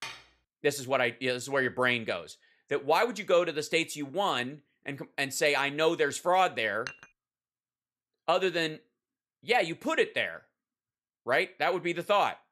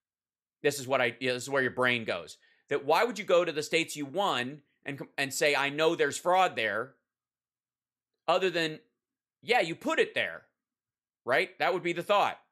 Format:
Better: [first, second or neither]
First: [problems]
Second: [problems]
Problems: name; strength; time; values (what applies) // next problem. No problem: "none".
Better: second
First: clattering dishes; faint; at the start and at 7 s; peak 15 dB below the speech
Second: none